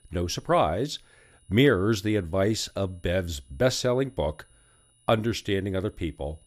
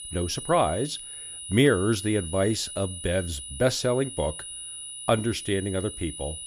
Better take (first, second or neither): first